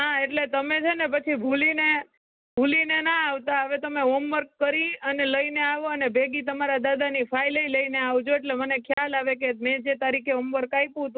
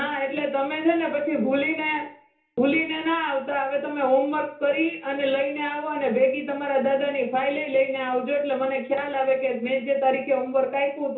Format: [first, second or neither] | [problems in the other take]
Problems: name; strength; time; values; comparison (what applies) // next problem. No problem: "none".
first | room echo; dies away in 0.6 s